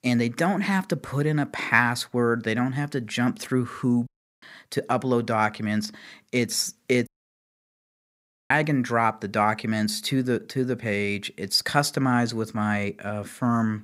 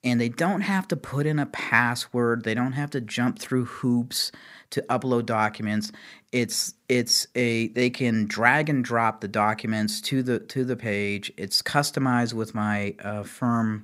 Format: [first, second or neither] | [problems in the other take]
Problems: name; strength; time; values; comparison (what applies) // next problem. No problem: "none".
second | audio cutting out; at 4 s and at 7 s for 1.5 s